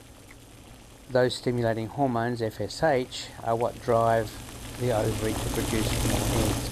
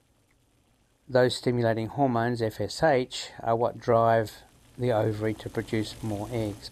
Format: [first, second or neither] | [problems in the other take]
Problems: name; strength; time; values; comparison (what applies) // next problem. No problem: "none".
second | household noises; loud; throughout; 3 dB below the speech; faint in the second